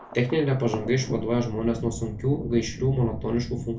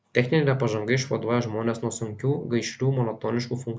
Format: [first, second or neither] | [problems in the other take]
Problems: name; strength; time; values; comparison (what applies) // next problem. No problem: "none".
second | background sound (Thunder); 10 dB below the speech // room echo; dies away in 0.2 s